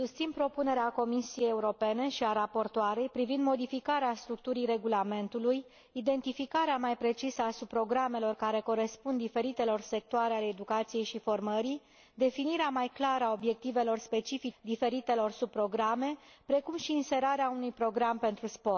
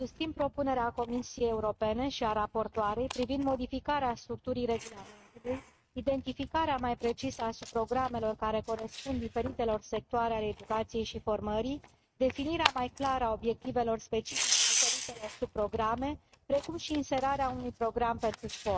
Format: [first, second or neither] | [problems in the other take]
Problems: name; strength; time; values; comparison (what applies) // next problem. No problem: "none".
first | noise reduction (neural mask model RNNoise)